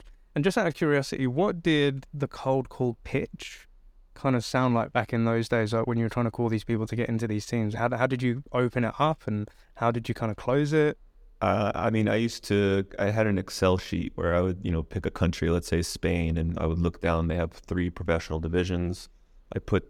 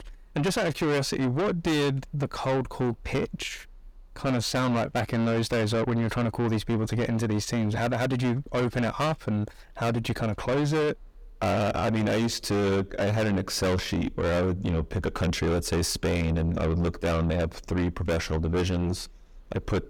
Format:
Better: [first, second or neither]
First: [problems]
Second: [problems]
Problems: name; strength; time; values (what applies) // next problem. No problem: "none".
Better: first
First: none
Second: distortion; heavy; 6 dB below the speech